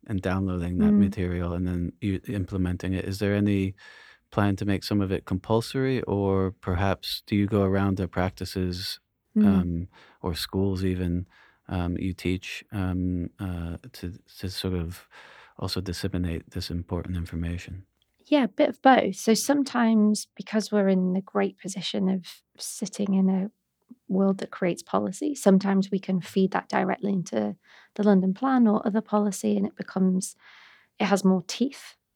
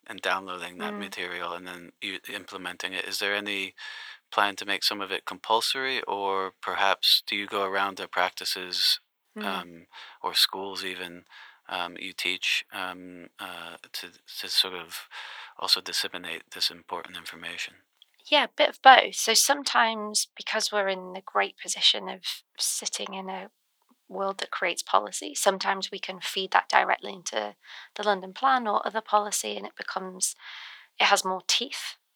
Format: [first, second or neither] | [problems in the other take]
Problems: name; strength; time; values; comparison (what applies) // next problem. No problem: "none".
first | thin; very; fading below 900 Hz